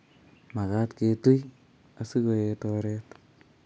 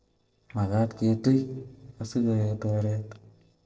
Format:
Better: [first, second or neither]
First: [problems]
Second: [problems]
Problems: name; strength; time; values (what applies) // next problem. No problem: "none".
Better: first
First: none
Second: noise reduction (neural separator model SepFormer DNS4)